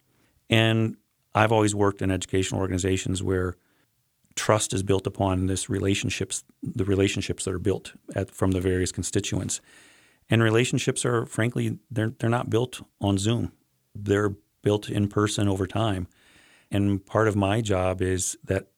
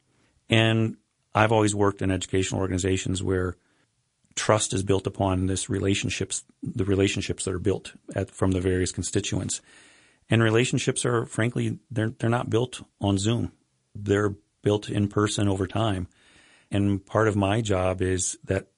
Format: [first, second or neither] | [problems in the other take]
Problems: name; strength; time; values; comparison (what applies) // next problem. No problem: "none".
first | garbled, watery; slightly; nothing above 10 kHz